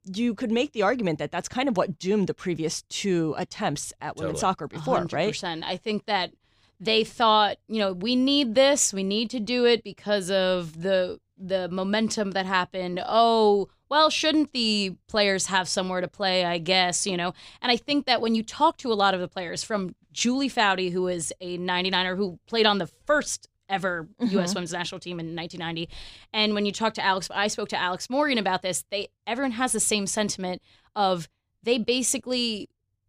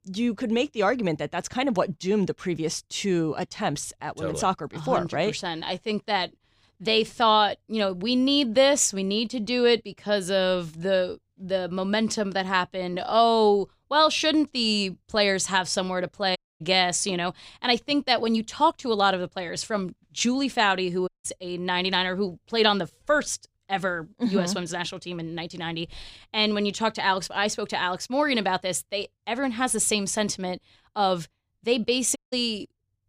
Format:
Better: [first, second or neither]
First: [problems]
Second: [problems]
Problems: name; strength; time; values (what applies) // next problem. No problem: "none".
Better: first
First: none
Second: audio cutting out; at 16 s, at 21 s and at 32 s